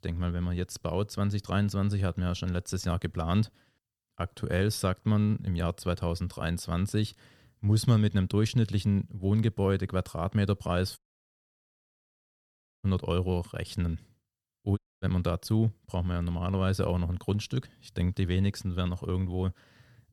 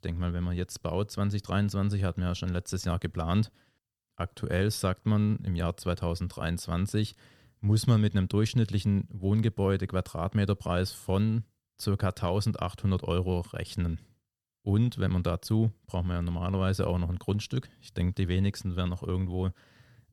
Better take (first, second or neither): second